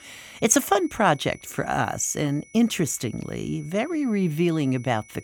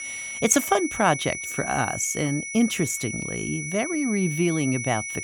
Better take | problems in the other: first | high-pitched whine; loud; throughout; 2 kHz, 6 dB below the speech; faint in the first

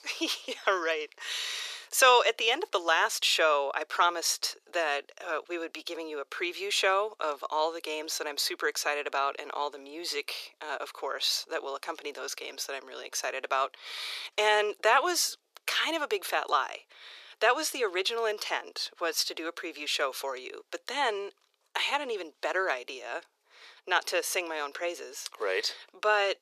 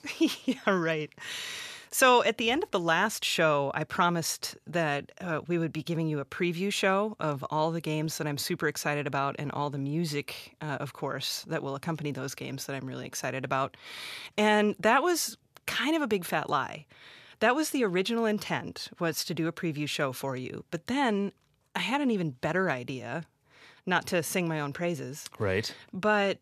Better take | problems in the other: second | thin; very; fading below 400 Hz

